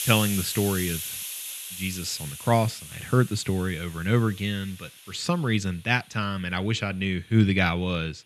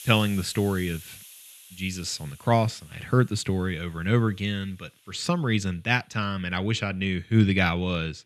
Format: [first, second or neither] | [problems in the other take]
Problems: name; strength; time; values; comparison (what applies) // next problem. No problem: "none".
second | hiss; loud; throughout; 8 dB below the speech; faint in the second